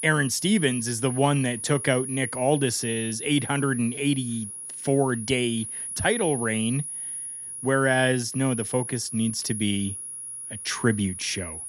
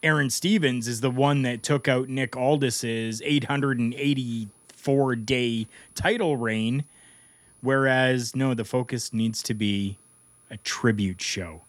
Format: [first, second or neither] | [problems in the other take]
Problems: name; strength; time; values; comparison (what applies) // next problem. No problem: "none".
second | high-pitched whine; loud; throughout; 10.5 kHz, 7 dB below the speech; faint in the second